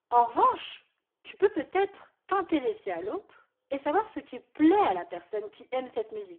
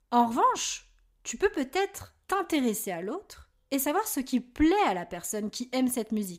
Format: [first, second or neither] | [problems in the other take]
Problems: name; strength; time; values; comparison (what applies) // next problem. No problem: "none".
second | phone-call audio; poor line